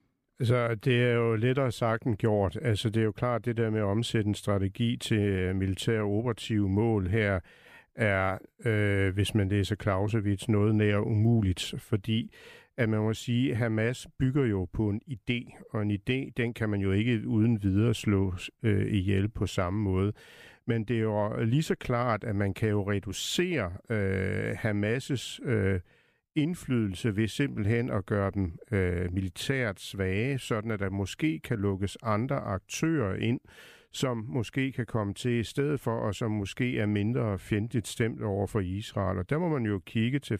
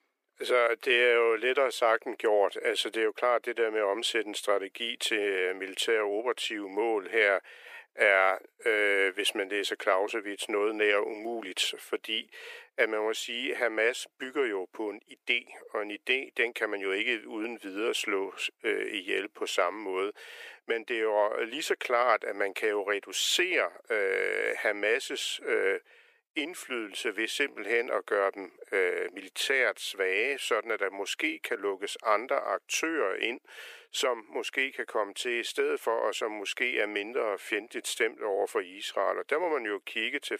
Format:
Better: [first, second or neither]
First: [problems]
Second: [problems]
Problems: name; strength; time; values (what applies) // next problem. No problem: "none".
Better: first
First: none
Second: thin; very; fading below 400 Hz